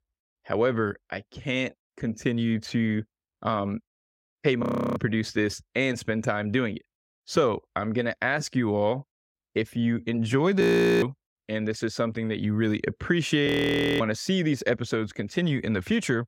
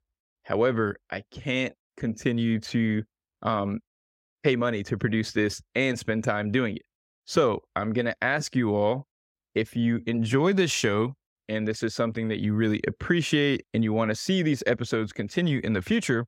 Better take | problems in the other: second | audio freezing; at 4.5 s, at 11 s and at 13 s for 0.5 s

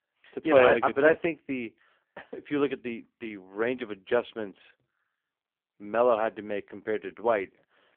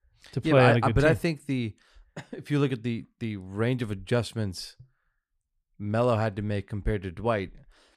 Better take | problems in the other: second | phone-call audio; poor line; nothing above 3.5 kHz

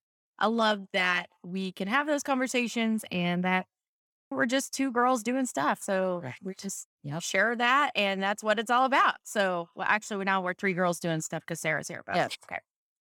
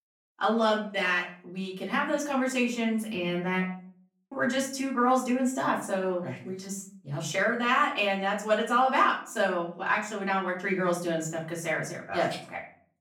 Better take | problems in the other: first | off-mic speech; far // room echo; slight; dies away in 0.4 s

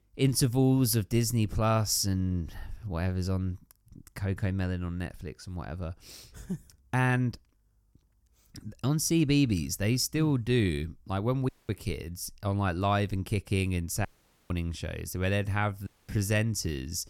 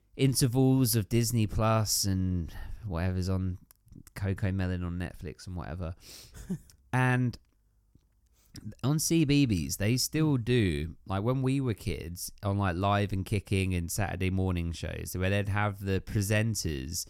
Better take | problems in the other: second | audio cutting out; at 11 s, at 14 s and at 16 s

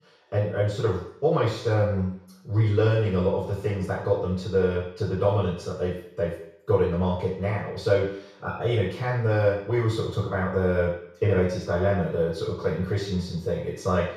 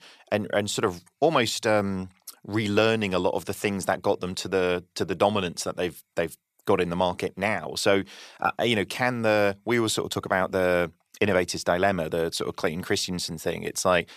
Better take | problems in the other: second | room echo; noticeable; dies away in 0.6 s // off-mic speech; far

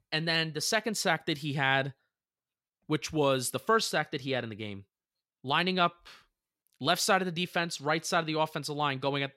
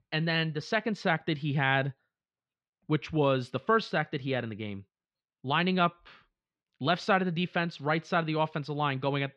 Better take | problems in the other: first | muffled; slightly; fading above 3.5 kHz

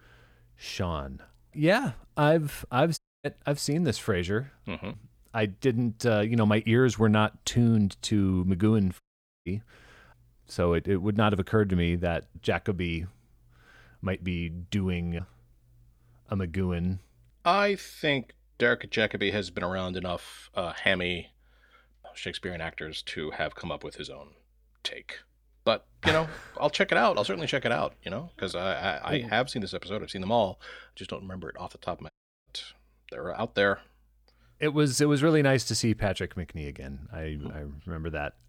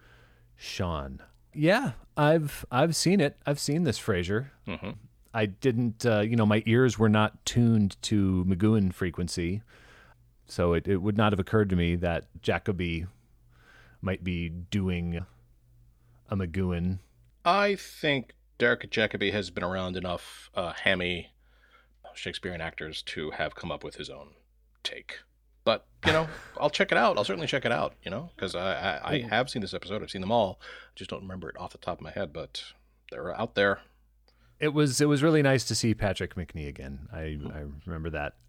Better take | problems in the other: second | audio cutting out; at 3 s, at 9 s and at 32 s

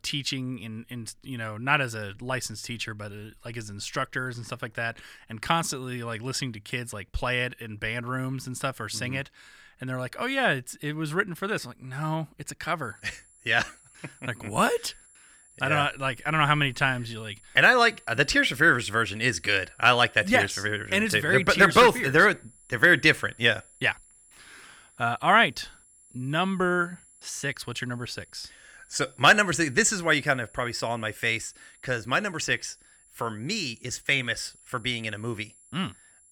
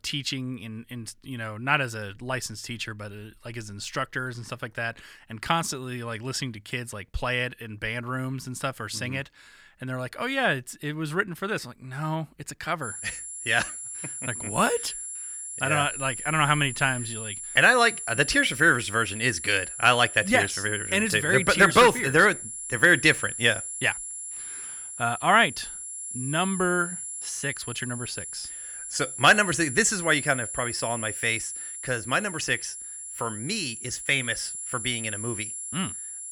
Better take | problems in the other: first | high-pitched whine; loud; from 13 s on; 10.5 kHz, 8 dB below the speech; faint in the first

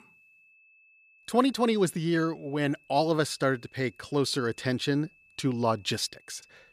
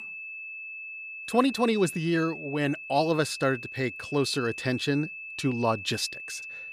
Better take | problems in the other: first | high-pitched whine; loud; throughout; 2.5 kHz, 10 dB below the speech; faint in the first

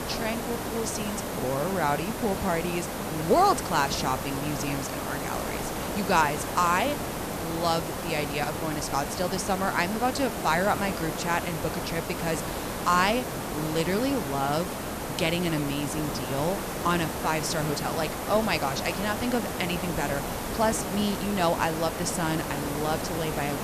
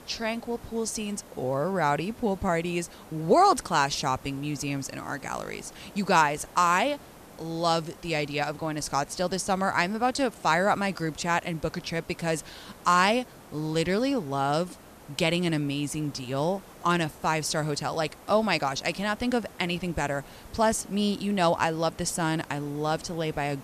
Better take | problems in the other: second | hiss; loud; throughout; 4 dB below the speech; faint in the second

